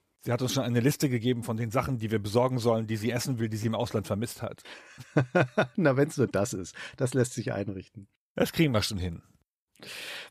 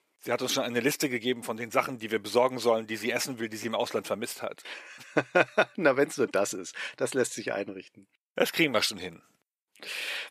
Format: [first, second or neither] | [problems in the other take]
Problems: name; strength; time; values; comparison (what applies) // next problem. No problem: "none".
first | thin; somewhat; fading below 350 Hz